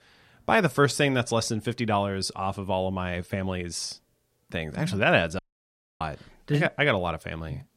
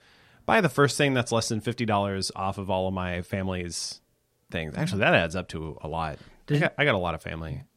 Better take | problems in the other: second | audio cutting out; at 5.5 s for 0.5 s

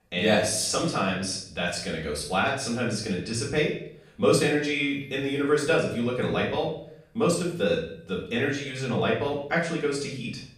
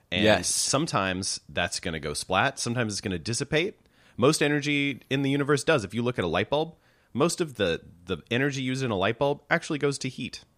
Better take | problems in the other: second | room echo; noticeable; dies away in 0.5 s // off-mic speech; far

